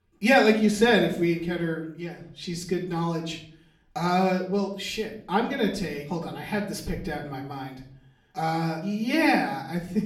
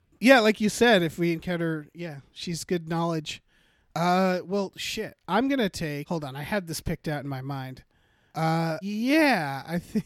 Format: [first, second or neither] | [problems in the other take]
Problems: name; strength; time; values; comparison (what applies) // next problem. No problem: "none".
second | off-mic speech; far // room echo; slight; dies away in 0.5 s